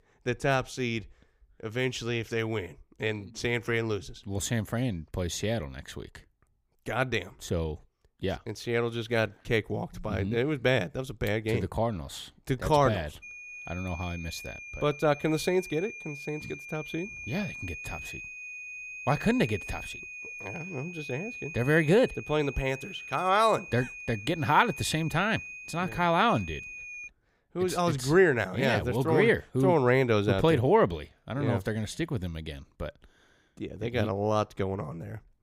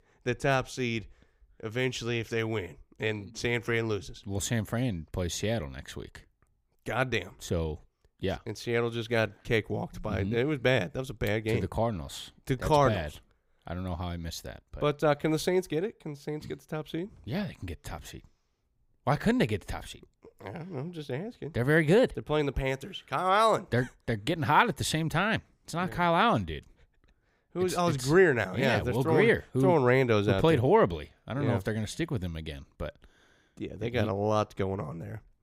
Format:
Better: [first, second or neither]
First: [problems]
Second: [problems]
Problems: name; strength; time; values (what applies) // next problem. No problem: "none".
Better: second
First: high-pitched whine; noticeable; from 13 to 27 s; 2.5 kHz, 10 dB below the speech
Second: none